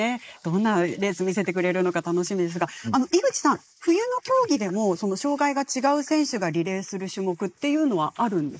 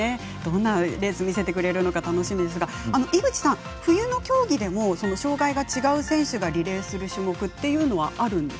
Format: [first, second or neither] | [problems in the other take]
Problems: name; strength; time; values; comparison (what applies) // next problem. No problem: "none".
second | noise reduction (neural mask model Resemble Enhance denoiser)